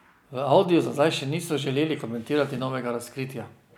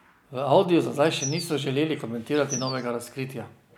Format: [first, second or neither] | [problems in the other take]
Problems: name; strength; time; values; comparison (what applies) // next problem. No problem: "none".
first | background sound (Bird vocalization, bird call, bird song); 11 dB below the speech